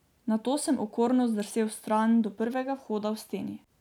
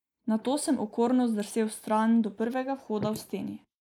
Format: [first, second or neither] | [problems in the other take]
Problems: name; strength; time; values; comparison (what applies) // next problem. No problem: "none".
first | noise reduction (neural mask model Resemble Enhance denoiser)